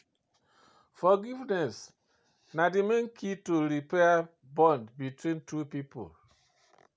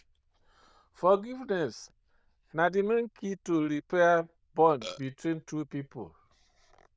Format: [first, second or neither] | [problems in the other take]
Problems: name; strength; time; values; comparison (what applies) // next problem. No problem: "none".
first | noise reduction (neural diffusion model UNIVERSE++)